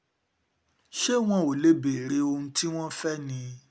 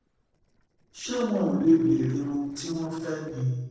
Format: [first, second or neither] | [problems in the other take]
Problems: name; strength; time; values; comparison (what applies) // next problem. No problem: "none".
first | noise reduction (neural separator model SepFormer DNS4)